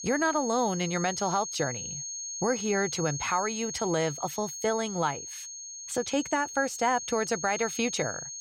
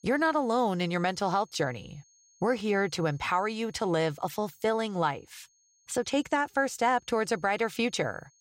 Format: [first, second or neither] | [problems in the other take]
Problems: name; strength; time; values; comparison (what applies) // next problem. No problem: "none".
second | high-pitched whine; loud; throughout; 6.5 kHz, 6 dB below the speech; faint in the second